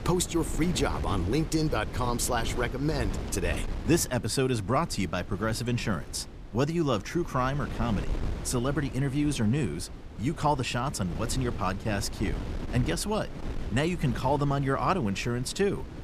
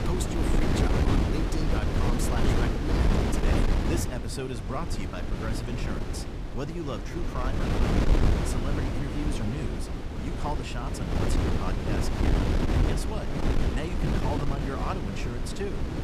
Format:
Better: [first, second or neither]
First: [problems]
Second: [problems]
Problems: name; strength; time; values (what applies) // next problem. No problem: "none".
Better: first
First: wind noise on the microphone; occasional gusts; 15 dB below the speech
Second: wind noise on the microphone; heavy; 3 dB above the speech